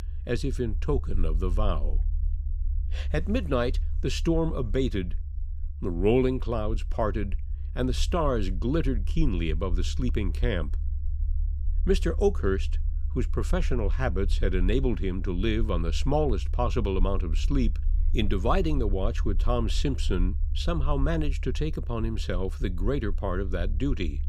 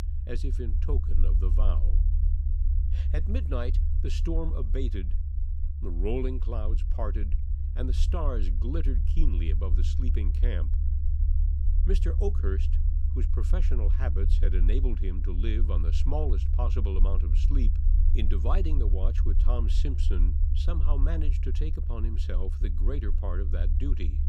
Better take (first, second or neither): first